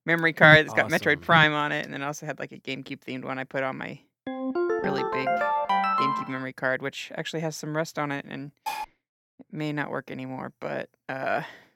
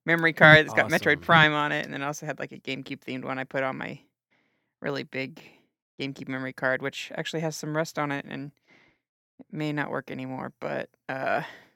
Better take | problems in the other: second | phone ringing; loud; from 4.5 to 6.5 s; peak 2 dB above the speech // clattering dishes; noticeable; at 8.5 s; peak 8 dB below the speech

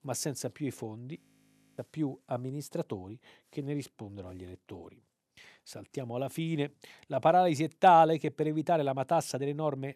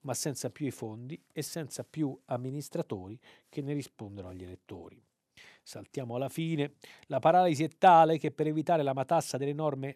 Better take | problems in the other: second | audio freezing; at 1 s for 0.5 s

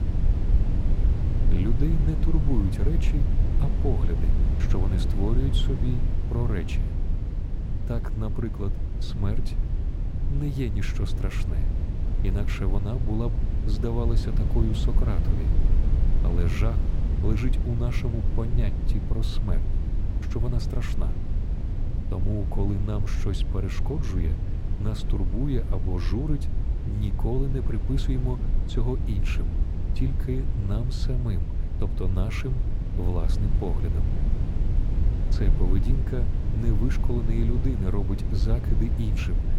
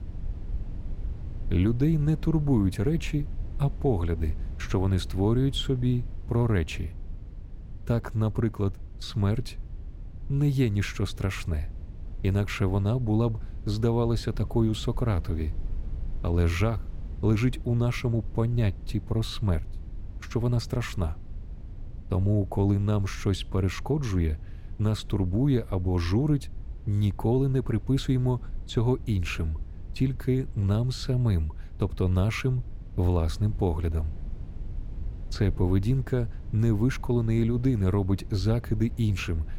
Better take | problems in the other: second | low rumble; loud; throughout; 5 dB below the speech; faint in the second

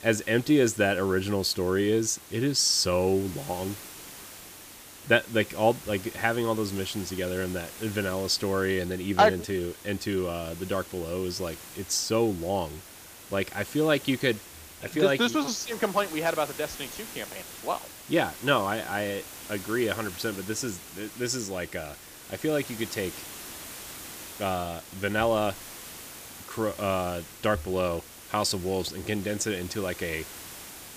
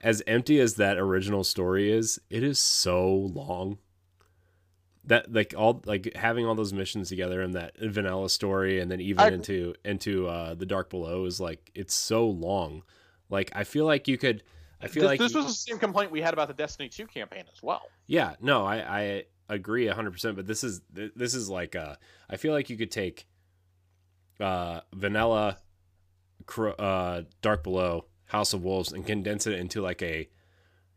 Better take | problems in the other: second | hiss; noticeable; throughout; 15 dB below the speech

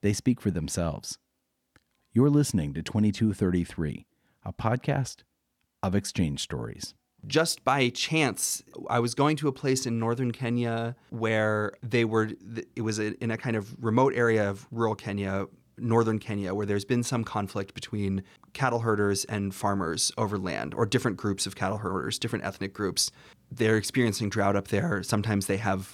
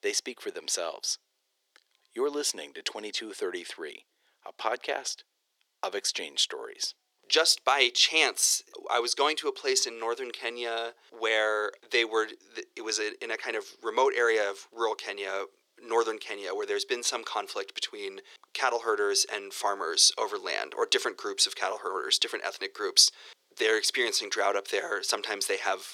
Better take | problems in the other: first | thin; very; fading below 400 Hz

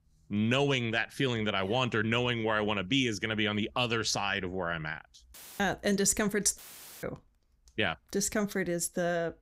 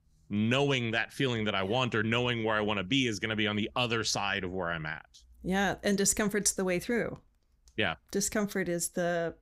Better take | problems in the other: second | audio cutting out; filled with static; at 5.5 s and at 6.5 s

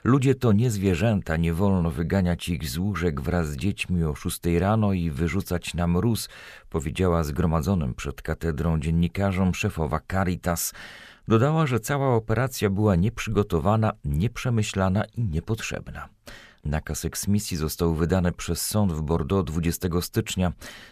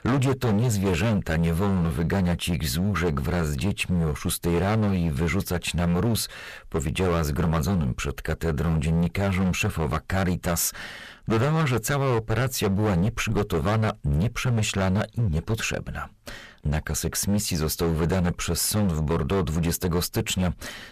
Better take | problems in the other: first | distortion; heavy; 18% of the sound clipped

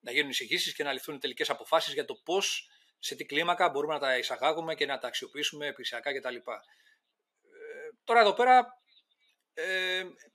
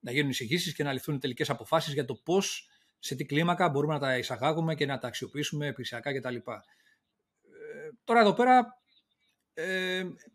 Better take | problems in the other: second | thin; somewhat; fading below 500 Hz

